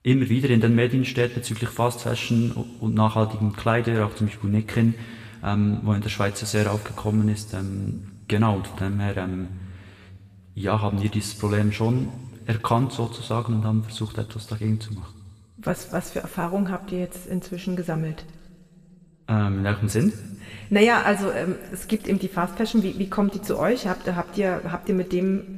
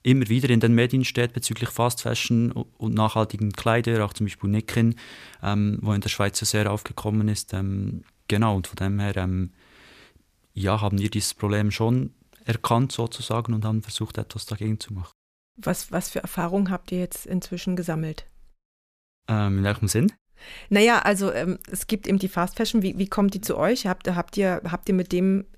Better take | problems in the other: second | room echo; slight; dies away in 2.6 s

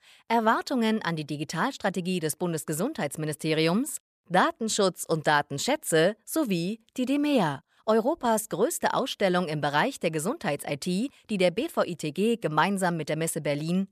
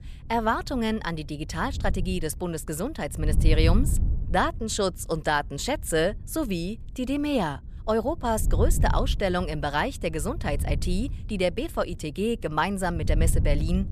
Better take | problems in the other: first | wind noise on the microphone; occasional gusts; 20 dB below the speech

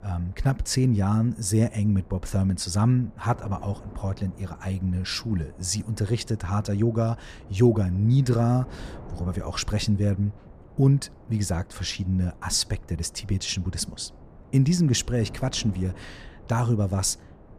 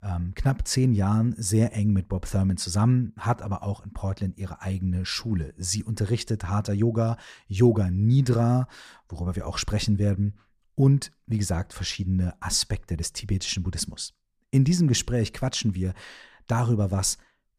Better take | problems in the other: second | wind noise on the microphone; occasional gusts; 20 dB below the speech

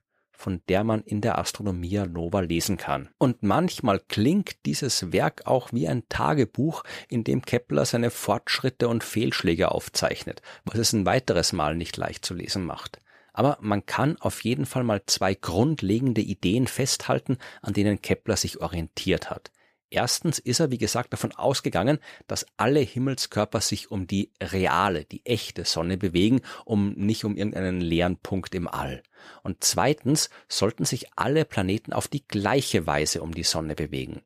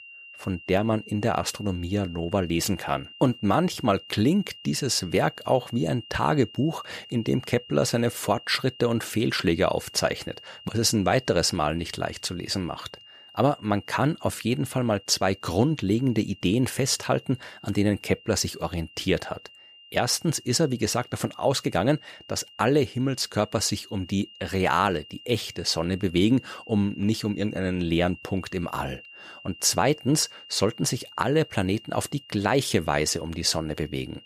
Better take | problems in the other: first | high-pitched whine; noticeable; throughout; 3 kHz, 20 dB below the speech

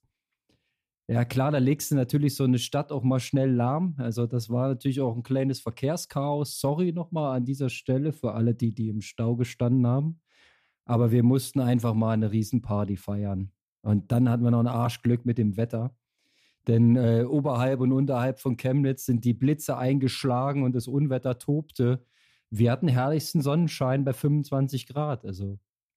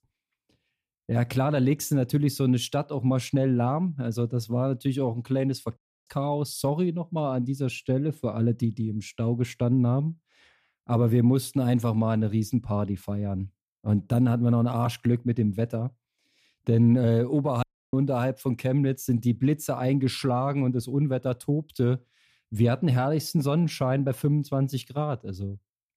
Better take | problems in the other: first | audio cutting out; at 6 s and at 18 s

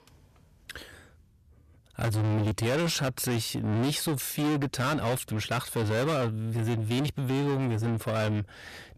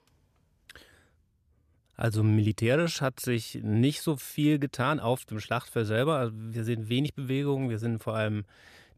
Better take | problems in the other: second | distortion; heavy; 6 dB below the speech

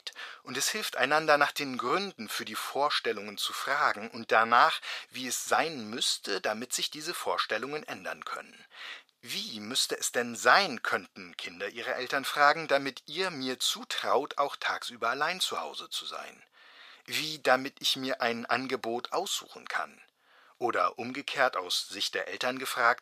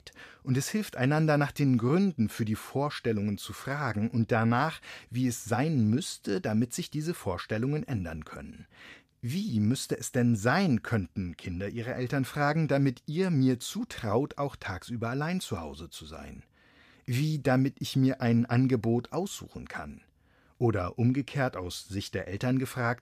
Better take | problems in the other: second | thin; very; fading below 700 Hz

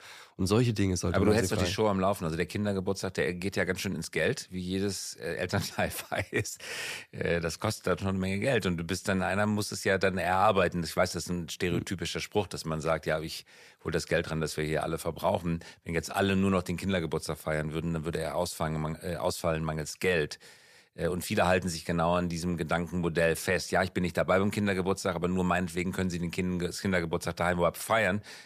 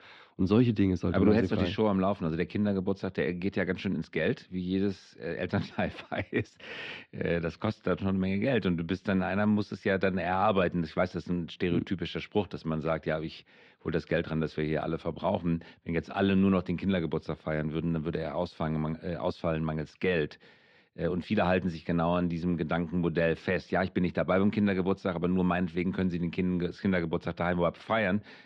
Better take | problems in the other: first | muffled; slightly; fading above 3.5 kHz

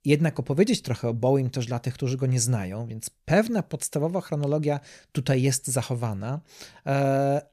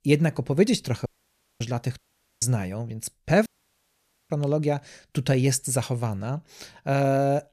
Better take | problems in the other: first | audio cutting out; at 1 s for 0.5 s, at 2 s and at 3.5 s for 1 s

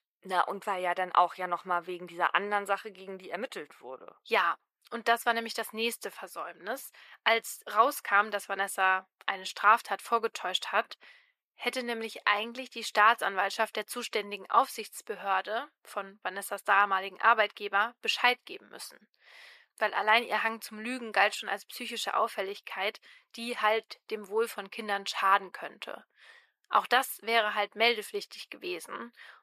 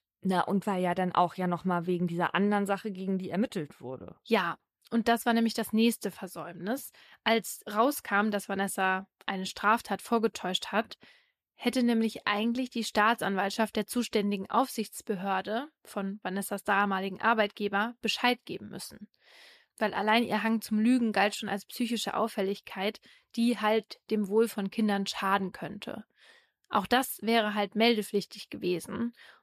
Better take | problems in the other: second | thin; very; fading below 550 Hz

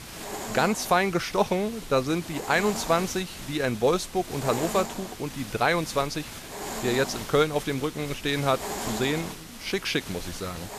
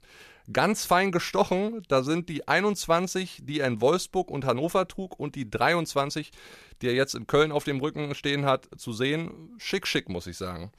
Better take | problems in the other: second | hiss; loud; throughout; 10 dB below the speech

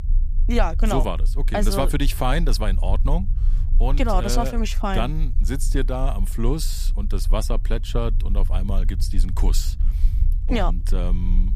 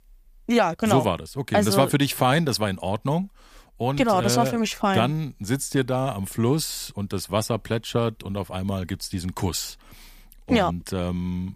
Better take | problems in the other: second | low rumble; noticeable; throughout; 20 dB below the speech

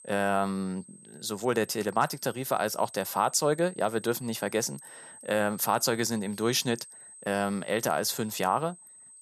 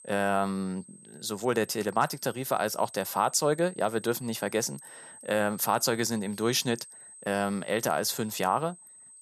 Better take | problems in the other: neither | high-pitched whine; noticeable; throughout; 8.5 kHz, 20 dB below the speech; the same in both

